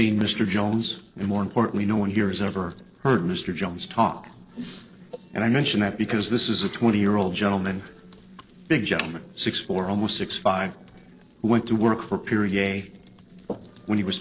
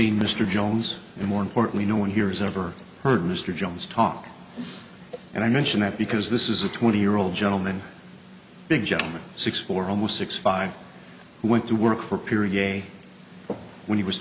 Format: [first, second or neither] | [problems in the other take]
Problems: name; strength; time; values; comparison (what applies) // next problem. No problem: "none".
second | noise reduction (neural separator model SepFormer DNS4)